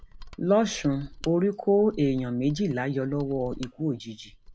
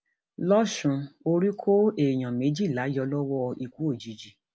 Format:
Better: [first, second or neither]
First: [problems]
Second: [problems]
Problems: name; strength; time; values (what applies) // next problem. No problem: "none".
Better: second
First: background sound (Mechanisms); 19 dB below the speech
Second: none